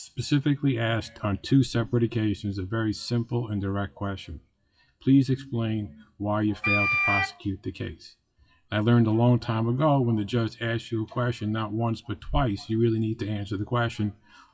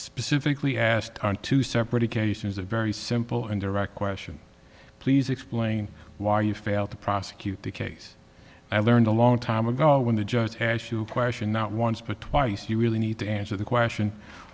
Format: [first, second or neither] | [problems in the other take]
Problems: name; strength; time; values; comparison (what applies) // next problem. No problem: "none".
second | noise reduction (classical method WPE with log-MMSE)